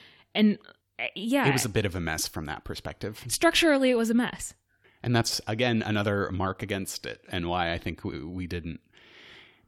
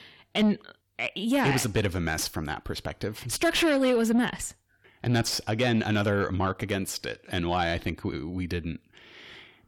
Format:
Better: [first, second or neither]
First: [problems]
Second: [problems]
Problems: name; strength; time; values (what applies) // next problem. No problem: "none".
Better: first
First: none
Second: distortion; slight; 10 dB below the speech